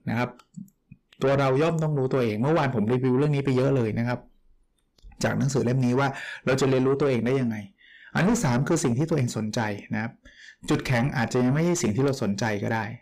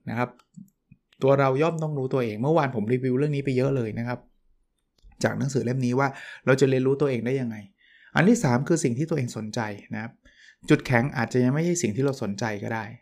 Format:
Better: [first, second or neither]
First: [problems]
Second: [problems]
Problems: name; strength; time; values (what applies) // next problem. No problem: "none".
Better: second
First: distortion; heavy; 7 dB below the speech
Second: none